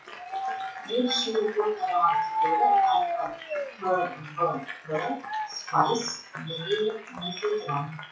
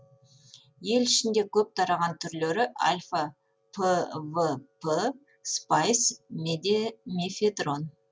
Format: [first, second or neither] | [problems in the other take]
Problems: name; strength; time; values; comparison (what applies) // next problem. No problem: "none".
second | noise reduction (classical method WPE with log-MMSE)